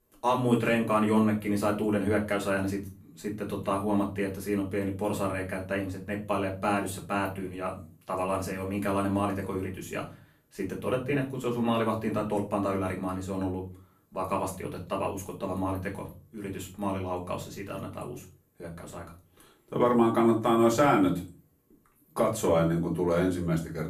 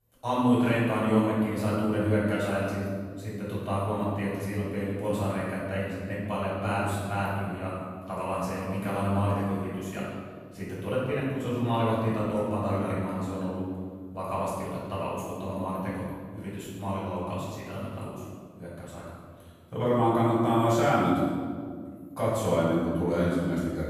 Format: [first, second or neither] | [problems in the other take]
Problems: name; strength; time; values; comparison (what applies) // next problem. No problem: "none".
first | room echo; strong; dies away in 1.8 s; slight in the first // off-mic speech; far; far in the first